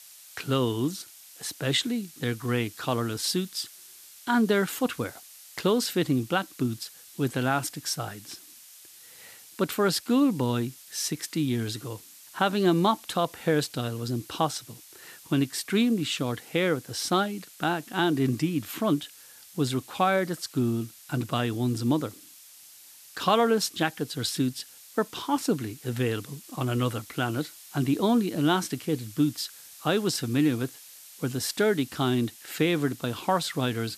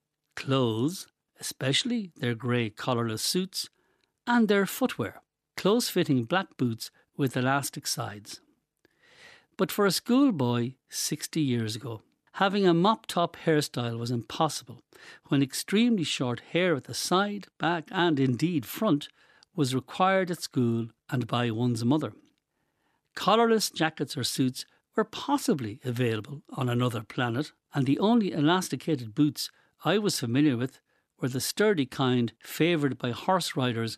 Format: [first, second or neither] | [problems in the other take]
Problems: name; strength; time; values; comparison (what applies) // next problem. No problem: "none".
second | hiss; noticeable; throughout; 20 dB below the speech